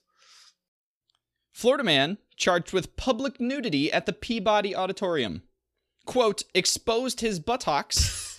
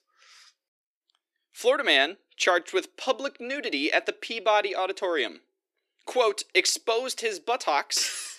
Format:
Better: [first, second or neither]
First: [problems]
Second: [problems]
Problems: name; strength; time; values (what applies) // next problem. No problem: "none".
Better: first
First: none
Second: thin; somewhat; fading below 300 Hz